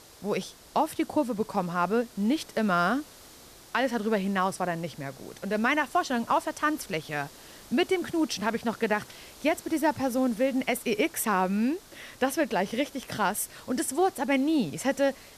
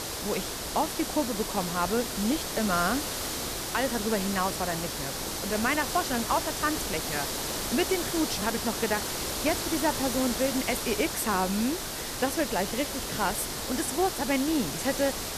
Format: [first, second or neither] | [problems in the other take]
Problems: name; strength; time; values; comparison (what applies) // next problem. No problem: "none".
first | hiss; loud; throughout; 2 dB below the speech; faint in the first